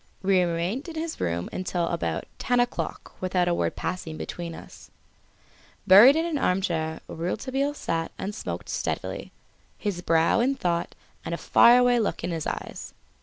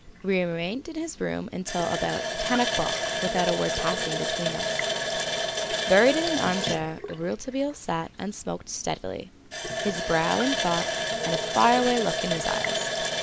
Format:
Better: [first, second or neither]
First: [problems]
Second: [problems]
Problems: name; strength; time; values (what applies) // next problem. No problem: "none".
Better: first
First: none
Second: background sound (Water tap, faucet); 2 dB below the speech